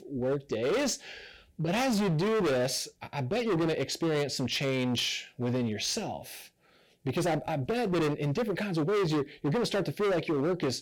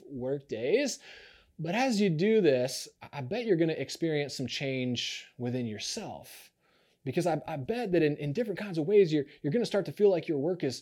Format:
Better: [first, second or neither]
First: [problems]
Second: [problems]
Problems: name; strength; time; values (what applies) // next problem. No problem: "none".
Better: second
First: distortion; heavy; 21% of the sound clipped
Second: none